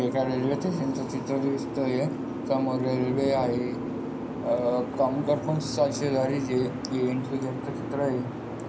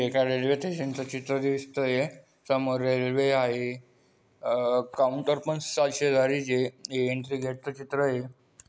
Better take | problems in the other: second | background sound (Boat, Water vehicle); 5 dB below the speech // room echo; dies away in 0.3 s

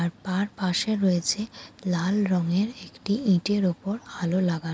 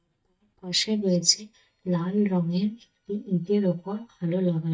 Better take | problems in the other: first | noise reduction (neural mask model DeepFilterNet 3)

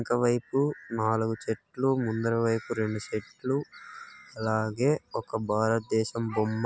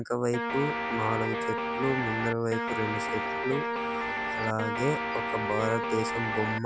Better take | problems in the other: first | background sound (Guitar); as loud as the speech

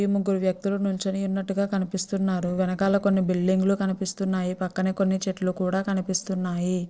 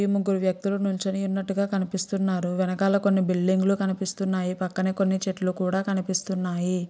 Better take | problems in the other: second | noise reduction (neural separator model SepFormer DNS4)

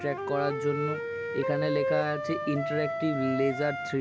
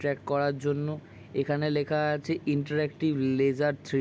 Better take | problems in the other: second | background sound (Wind instrument, woodwind instrument); 2 dB below the speech

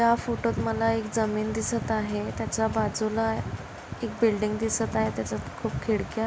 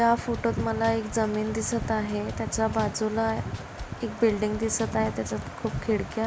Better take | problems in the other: first | background sound (Drum kit); 19 dB below the speech

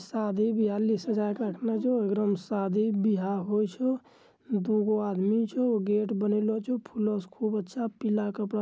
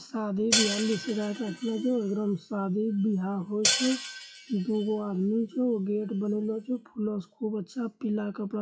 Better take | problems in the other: first | noise reduction (classical method WPE with log-MMSE)

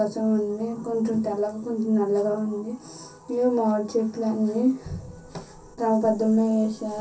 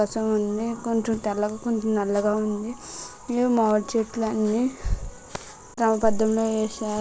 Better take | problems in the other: second | room echo; dies away in 0.3 s

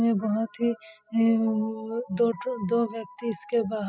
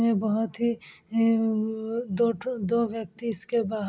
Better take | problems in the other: second | noise reduction (classical method spectral subtraction)

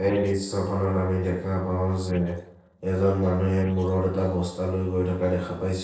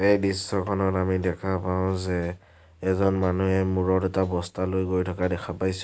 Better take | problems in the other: second | noise reduction (neural separator model SepFormer DNS4)

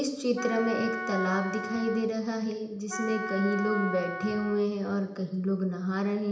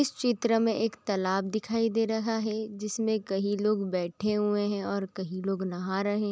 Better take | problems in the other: second | background sound (Wind instrument, woodwind instrument); 7 dB below the speech // room echo; dies away in 0.8 s

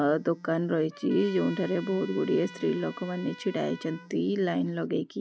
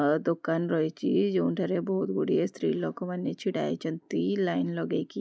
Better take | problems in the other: second | background sound (Trumpet + Telephone); 19 dB below the speech

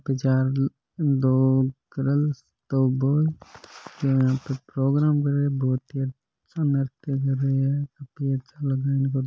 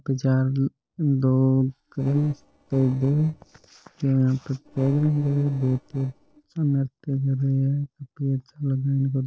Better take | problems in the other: first | noise reduction (neural separator model SepFormer DNS4)

